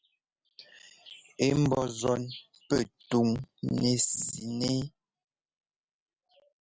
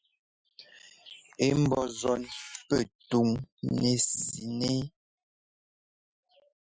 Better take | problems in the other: first | noise reduction (classical method Wiener filter)

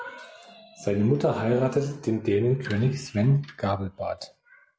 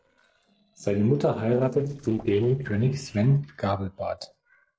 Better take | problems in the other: first | noise reduction (neural separator model SepFormer DNS4)

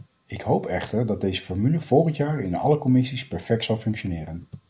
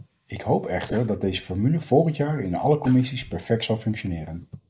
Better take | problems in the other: first | noise reduction (neural mask model Resemble Enhance denoiser)

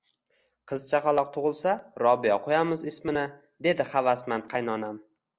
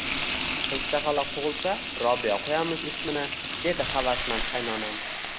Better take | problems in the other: first | background sound (Frying (food)); 2 dB below the speech

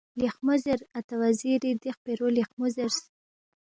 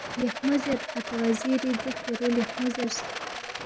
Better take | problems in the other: first | background sound (Rattle); 7 dB below the speech // room echo; dies away in 1 s

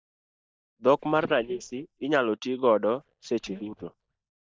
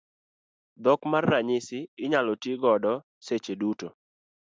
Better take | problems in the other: second | noise reduction (neural mask model DeepFilterNet 3)

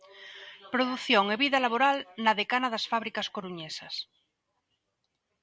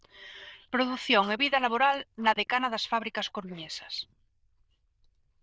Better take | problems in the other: first | noise reduction (neural diffusion model UNIVERSE++)

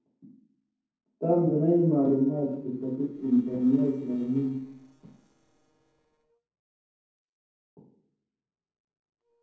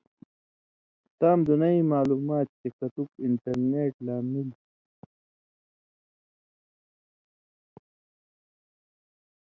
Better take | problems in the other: second | noise reduction (neural separator model SepFormer DNS4)

